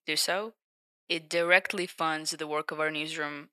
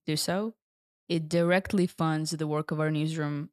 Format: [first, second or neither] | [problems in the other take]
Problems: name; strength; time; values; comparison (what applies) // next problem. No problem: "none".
second | thin; very; fading below 500 Hz